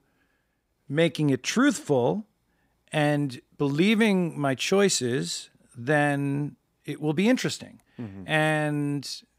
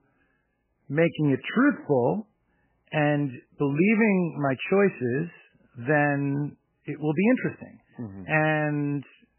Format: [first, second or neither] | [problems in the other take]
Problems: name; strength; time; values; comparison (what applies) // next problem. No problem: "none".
first | garbled, watery; badly; nothing above 2.5 kHz